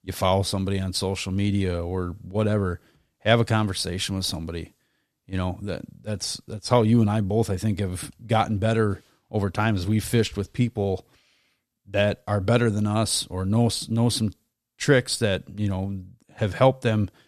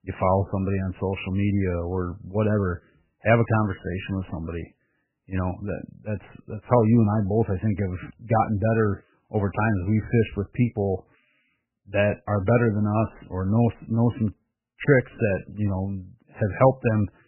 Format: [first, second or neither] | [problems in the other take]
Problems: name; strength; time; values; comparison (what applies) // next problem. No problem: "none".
first | garbled, watery; badly; nothing above 3 kHz